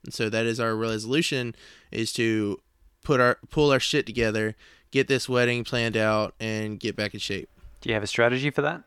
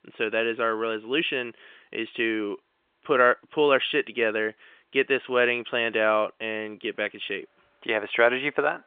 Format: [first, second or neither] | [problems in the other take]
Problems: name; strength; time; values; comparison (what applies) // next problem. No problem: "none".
first | phone-call audio; nothing above 3 kHz